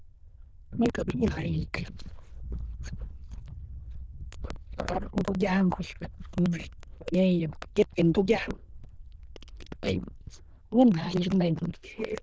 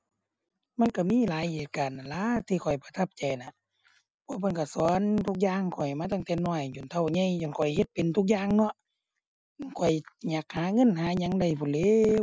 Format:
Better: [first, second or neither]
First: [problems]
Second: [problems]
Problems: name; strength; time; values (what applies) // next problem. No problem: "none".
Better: second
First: noise reduction (neural diffusion model UNIVERSE++)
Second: none